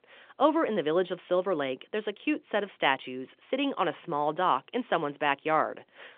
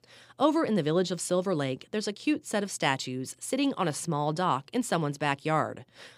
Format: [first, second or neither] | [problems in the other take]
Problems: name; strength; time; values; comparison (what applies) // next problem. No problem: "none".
second | phone-call audio; nothing above 3.5 kHz